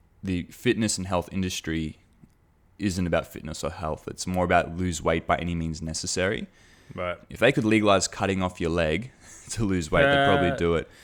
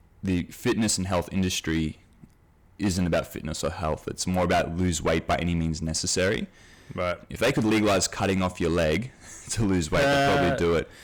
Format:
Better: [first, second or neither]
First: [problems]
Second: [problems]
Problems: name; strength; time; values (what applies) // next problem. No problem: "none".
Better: first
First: none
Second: distortion; heavy; 10% of the sound clipped